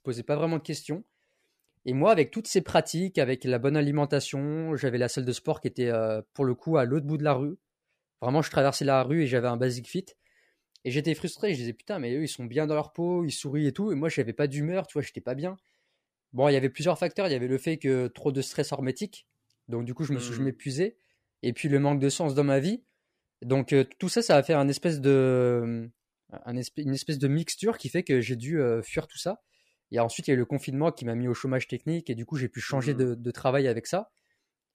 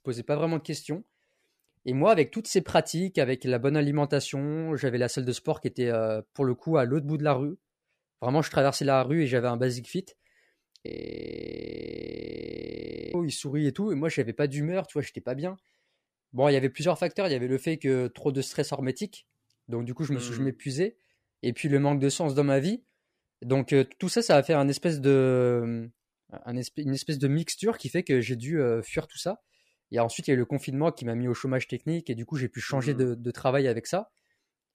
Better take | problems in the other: first | audio freezing; at 11 s for 2.5 s

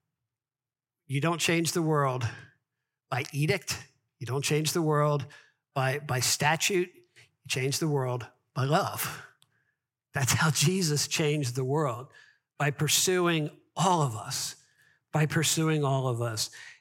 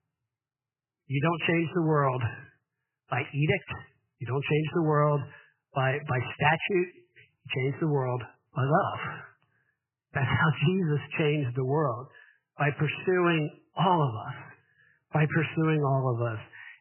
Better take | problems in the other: first | garbled, watery; badly; nothing above 3 kHz

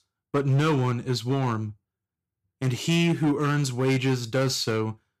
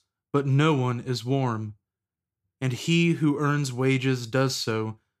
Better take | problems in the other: second | distortion; slight; 8% of the sound clipped

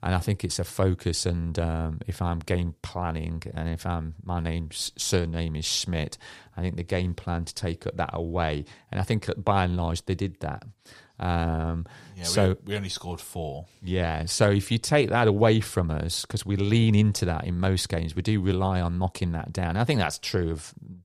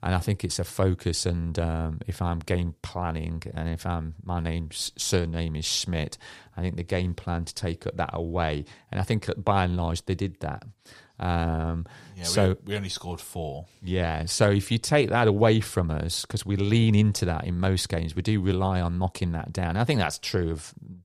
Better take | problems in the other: neither | none

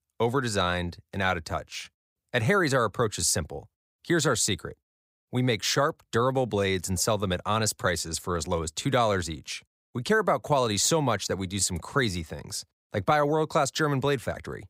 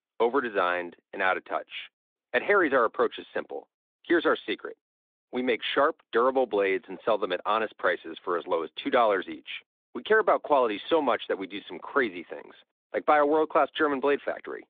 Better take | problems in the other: first | phone-call audio; nothing above 3.5 kHz

